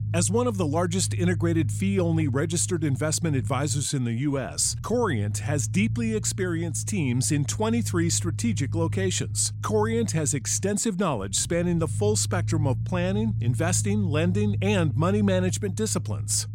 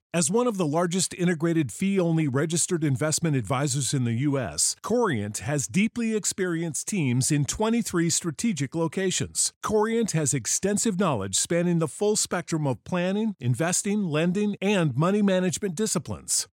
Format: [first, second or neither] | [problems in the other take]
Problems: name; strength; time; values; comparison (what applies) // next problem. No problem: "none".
second | low rumble; noticeable; throughout; 15 dB below the speech